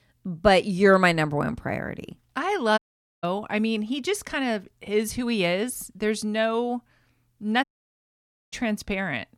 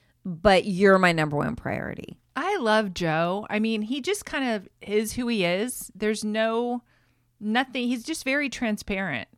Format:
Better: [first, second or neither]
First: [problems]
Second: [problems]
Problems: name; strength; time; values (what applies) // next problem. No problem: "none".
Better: second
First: audio cutting out; at 3 s and at 7.5 s for 1 s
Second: none